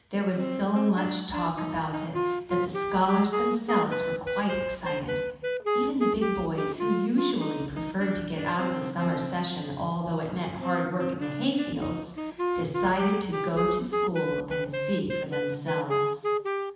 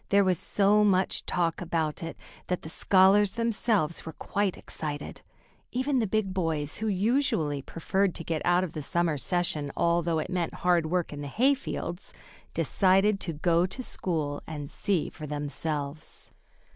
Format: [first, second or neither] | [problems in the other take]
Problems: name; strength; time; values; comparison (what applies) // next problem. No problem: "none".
second | background sound (Wind instrument, woodwind instrument); 1 dB below the speech // room echo; dies away in 1.1 s